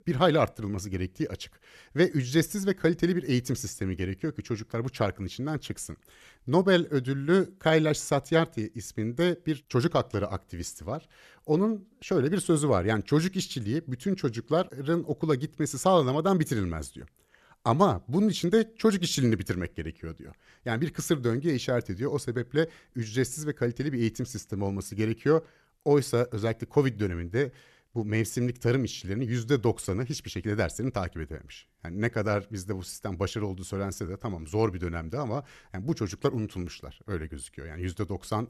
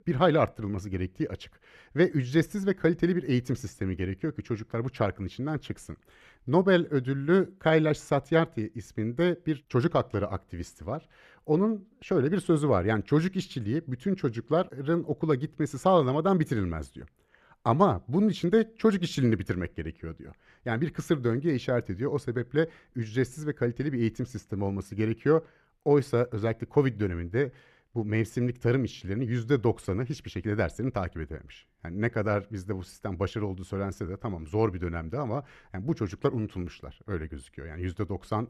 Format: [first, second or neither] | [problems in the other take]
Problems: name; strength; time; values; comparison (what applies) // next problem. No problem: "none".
first | muffled; slightly; fading above 4 kHz